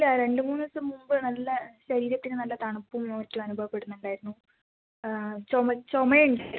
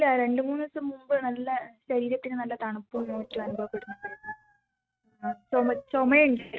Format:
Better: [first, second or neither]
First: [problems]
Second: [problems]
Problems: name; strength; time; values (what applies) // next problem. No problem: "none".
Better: first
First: none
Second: noise reduction (neural mask model RNNoise)